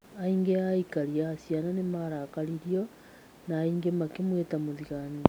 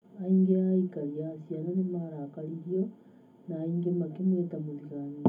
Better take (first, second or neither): first